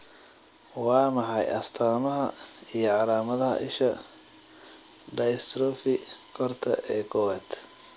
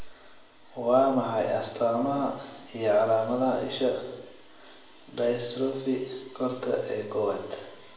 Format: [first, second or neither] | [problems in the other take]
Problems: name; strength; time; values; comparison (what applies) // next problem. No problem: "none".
first | room echo; dies away in 0.9 s